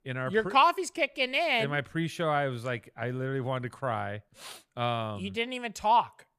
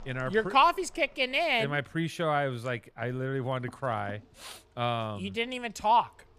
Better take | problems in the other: first | household noises; faint; throughout; 30 dB below the speech

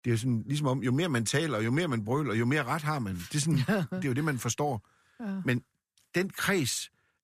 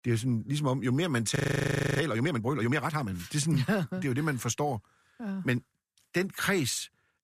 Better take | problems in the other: first | audio freezing; at 1.5 s for 0.5 s

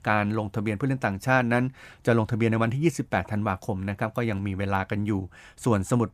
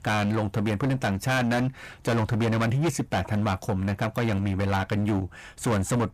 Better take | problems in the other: first | distortion; heavy; 21% of the sound clipped

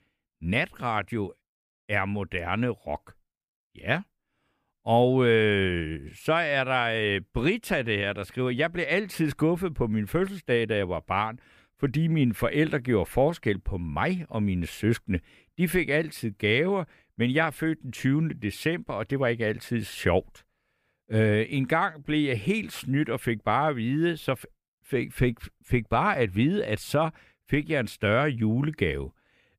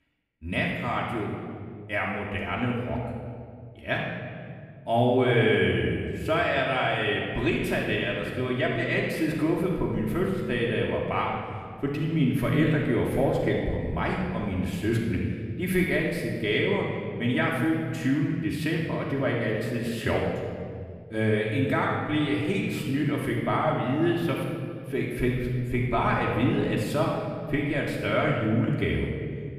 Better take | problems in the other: first | off-mic speech; far // room echo; noticeable; dies away in 1.9 s

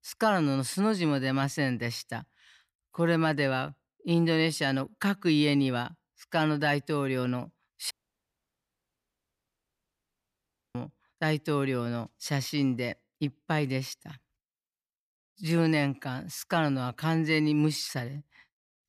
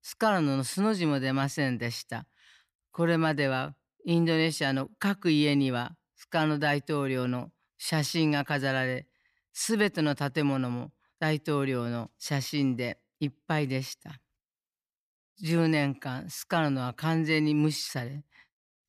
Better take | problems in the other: second | audio cutting out; at 8 s for 3 s

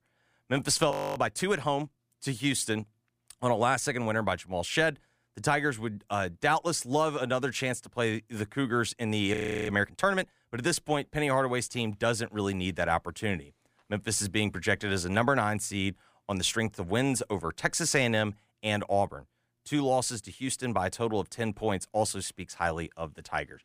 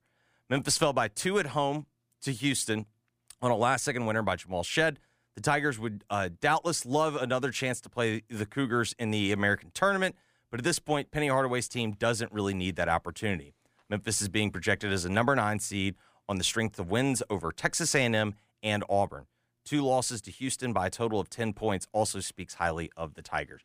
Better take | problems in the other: second | audio freezing; at 1 s and at 9.5 s

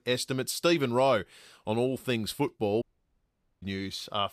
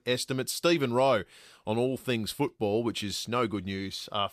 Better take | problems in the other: second | audio cutting out; at 3 s for 1 s

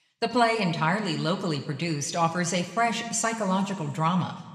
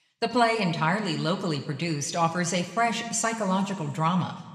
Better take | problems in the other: neither | room echo; slight; dies away in 1.5 s; the same in both

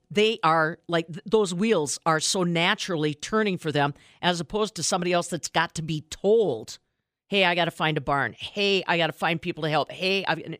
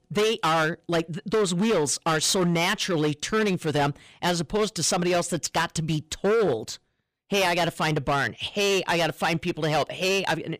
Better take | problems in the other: first | distortion; heavy; 15% of the sound clipped

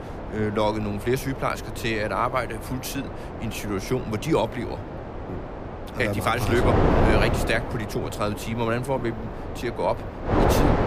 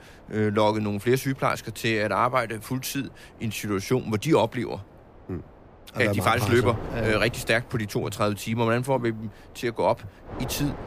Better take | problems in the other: second | wind noise on the microphone; heavy; 4 dB below the speech; occasional gusts in the second

